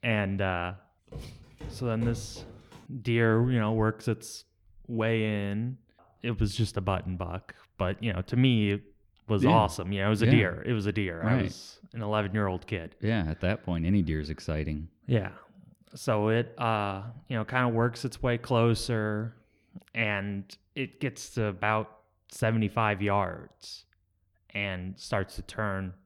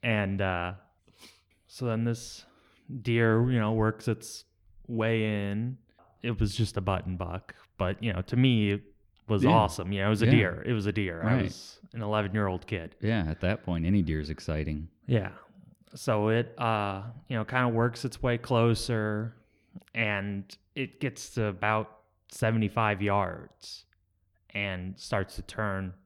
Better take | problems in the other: second | footsteps; faint; from 1 to 3 s; peak 10 dB below the speech

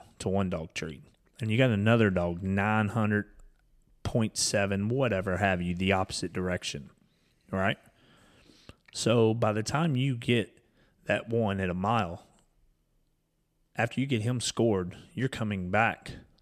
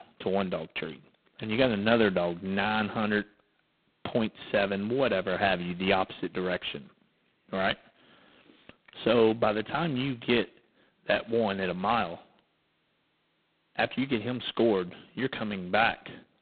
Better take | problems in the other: first | phone-call audio; poor line; nothing above 4 kHz

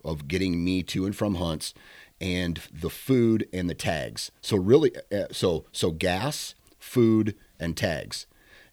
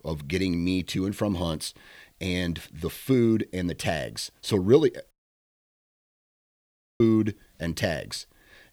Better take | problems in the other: first | audio cutting out; at 5 s for 2 s

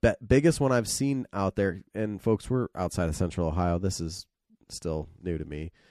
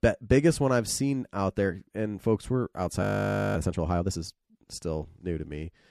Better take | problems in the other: first | audio freezing; at 3 s for 0.5 s

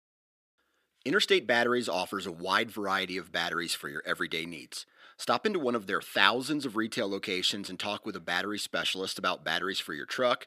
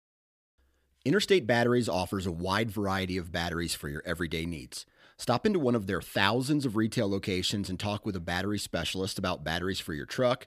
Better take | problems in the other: second | thin; somewhat; fading below 250 Hz

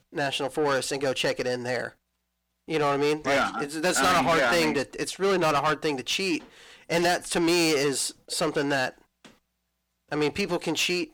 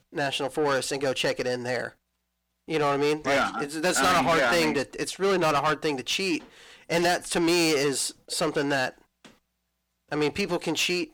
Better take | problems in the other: neither | distortion; heavy; 6 dB below the speech; the same in both

